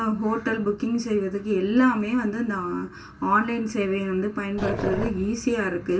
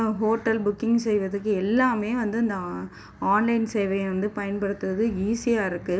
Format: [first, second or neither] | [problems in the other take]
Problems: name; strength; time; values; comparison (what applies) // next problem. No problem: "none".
second | background sound (Growling); 7 dB below the speech // room echo; dies away in 0.1 s